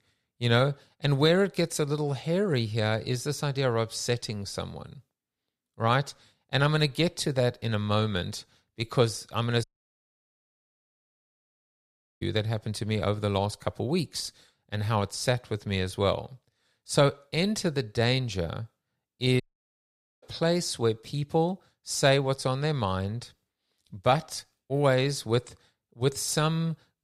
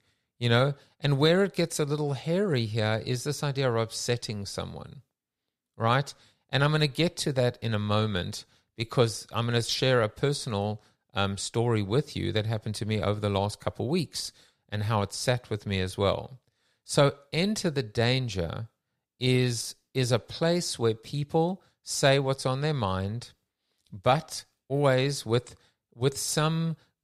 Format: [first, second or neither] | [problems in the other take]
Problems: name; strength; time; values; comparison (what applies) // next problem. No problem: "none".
second | audio cutting out; at 9.5 s for 2.5 s and at 19 s for 1 s